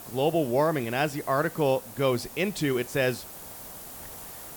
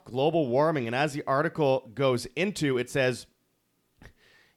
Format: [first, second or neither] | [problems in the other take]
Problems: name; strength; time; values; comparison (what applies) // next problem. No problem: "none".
second | hiss; noticeable; throughout; 15 dB below the speech